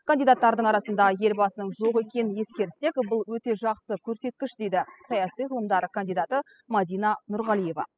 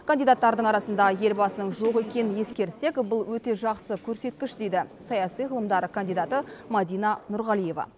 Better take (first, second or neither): second